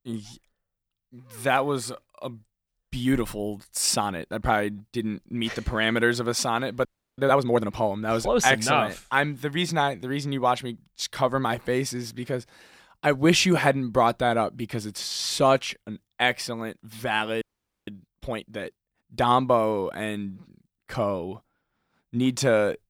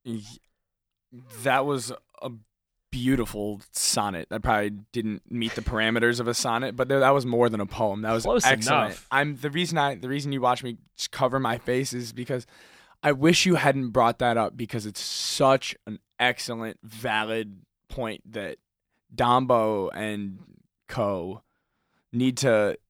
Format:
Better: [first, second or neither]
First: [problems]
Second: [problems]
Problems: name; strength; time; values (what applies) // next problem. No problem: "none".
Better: second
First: audio freezing; at 7 s and at 17 s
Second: none